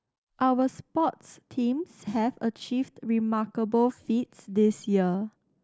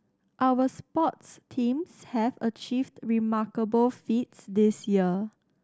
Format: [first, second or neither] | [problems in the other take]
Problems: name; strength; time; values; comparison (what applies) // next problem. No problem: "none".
second | noise reduction (neural mask model Resemble Enhance denoiser)